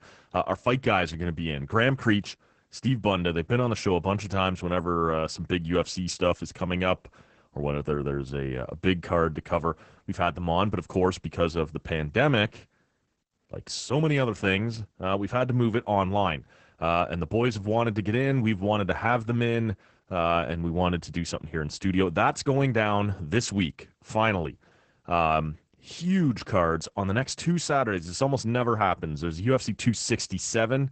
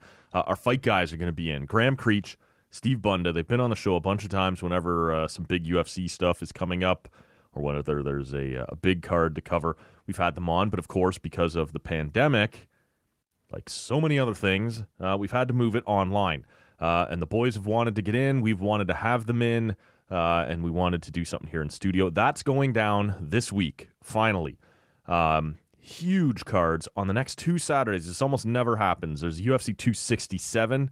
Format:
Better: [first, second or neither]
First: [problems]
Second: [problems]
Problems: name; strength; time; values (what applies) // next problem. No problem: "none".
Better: second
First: garbled, watery; badly; nothing above 8 kHz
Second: garbled, watery; slightly; nothing above 16.5 kHz